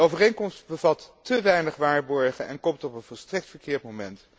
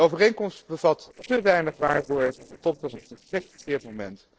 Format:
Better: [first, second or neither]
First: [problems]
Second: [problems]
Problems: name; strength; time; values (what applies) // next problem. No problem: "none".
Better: first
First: none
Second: noise reduction (neural separator model SepFormer DNS4)